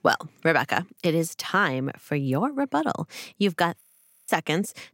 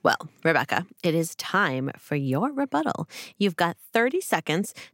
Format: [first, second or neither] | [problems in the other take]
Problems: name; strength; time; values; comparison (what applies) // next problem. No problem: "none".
second | audio freezing; at 4 s